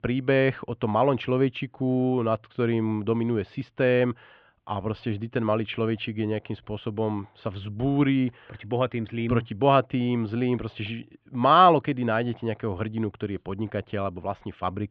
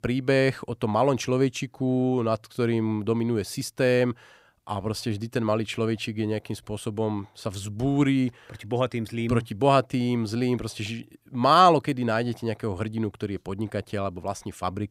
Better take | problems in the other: second | muffled; very; fading above 3 kHz

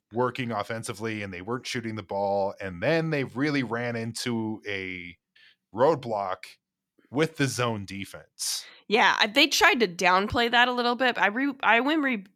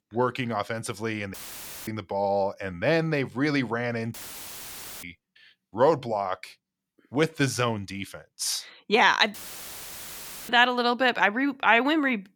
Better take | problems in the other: first | audio cutting out; filled with static; at 1.5 s for 0.5 s, at 4 s for 1 s and at 9.5 s for 1 s

